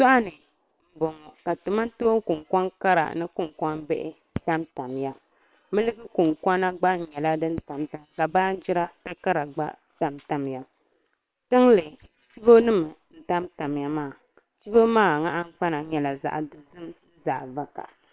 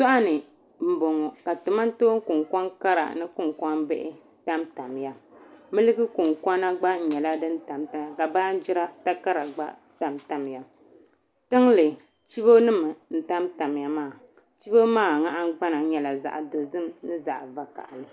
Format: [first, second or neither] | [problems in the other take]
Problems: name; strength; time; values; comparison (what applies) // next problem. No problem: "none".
second | noise reduction (neural separator model SepFormer WHAM!)